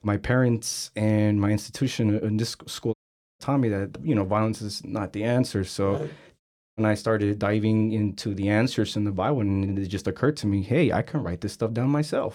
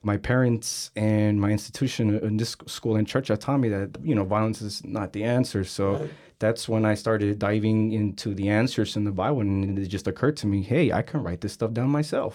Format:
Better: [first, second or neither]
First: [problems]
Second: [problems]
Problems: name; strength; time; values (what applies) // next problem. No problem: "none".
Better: second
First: audio cutting out; at 3 s and at 6.5 s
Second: none